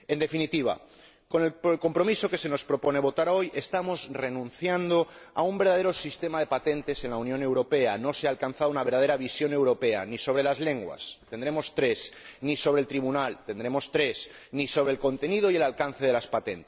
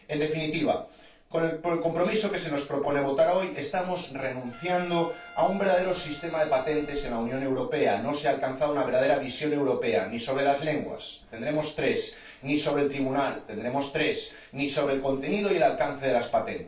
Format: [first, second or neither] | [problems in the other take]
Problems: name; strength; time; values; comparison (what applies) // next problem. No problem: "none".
first | background sound (Trumpet); 19 dB below the speech // room echo; dies away in 0.3 s